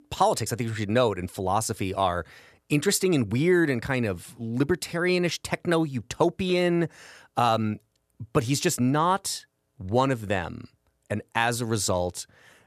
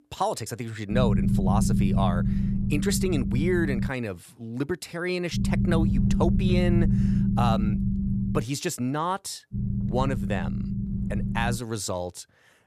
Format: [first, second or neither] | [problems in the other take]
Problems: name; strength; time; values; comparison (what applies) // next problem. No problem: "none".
first | low rumble; loud; from 1 to 4 s, from 5.5 to 8.5 s and from 9.5 to 12 s; 5 dB below the speech